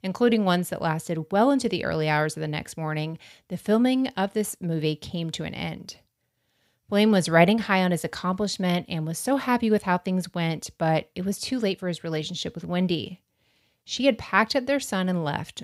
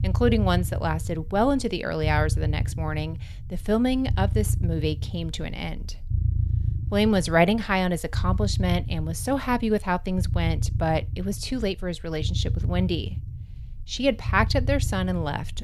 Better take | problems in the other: first | low rumble; noticeable; throughout; 15 dB below the speech

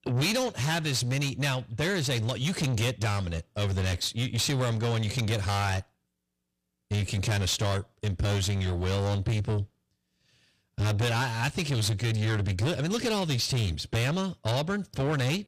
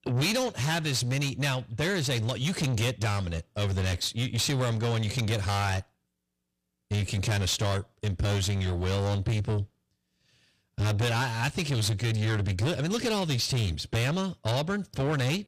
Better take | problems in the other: neither | distortion; heavy; 7 dB below the speech; the same in both

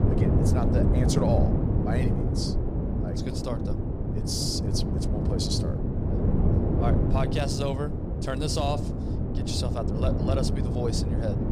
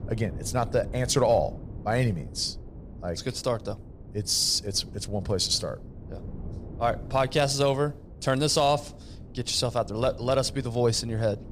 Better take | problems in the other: second | wind noise on the microphone; heavy; 1 dB below the speech; occasional gusts in the second

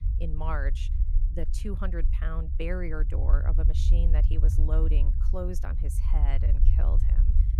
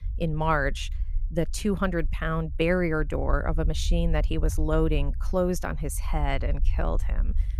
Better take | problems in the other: second | low rumble; loud; throughout; 8 dB below the speech; faint in the second

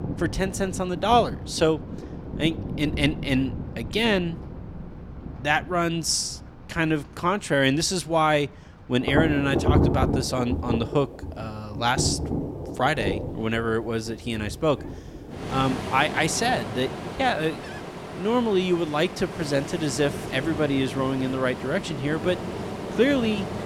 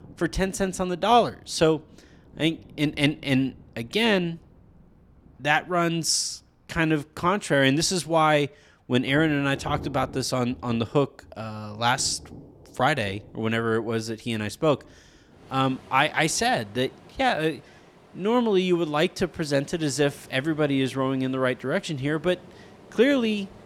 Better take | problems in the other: second | rain or running water; loud; throughout; 7 dB below the speech; faint in the second

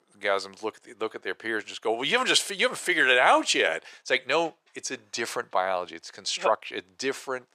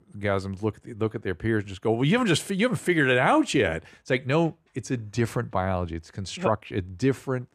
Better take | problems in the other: second | thin; very; fading below 600 Hz

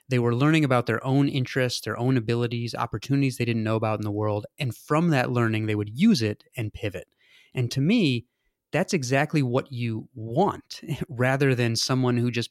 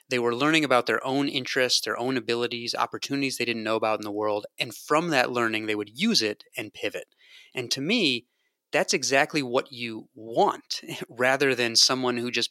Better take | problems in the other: first | thin; somewhat; fading below 350 Hz

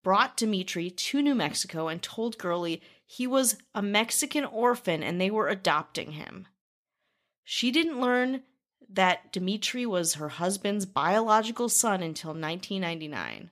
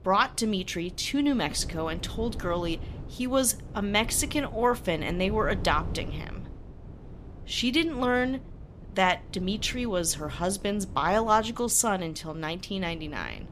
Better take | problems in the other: first | wind noise on the microphone; occasional gusts; 20 dB below the speech

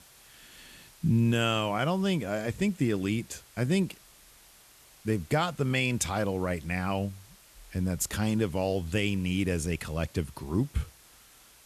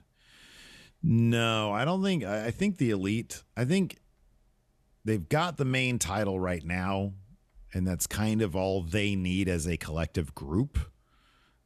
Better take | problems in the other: second | hiss; faint; throughout; 25 dB below the speech

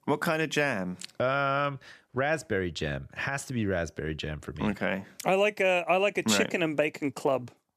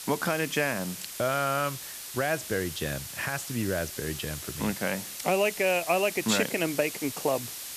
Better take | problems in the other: first | hiss; loud; throughout; 8 dB below the speech

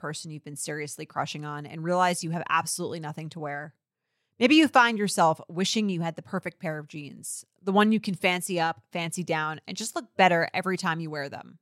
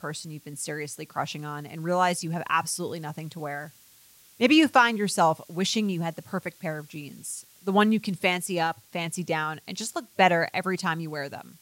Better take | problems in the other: first | hiss; faint; throughout; 25 dB below the speech

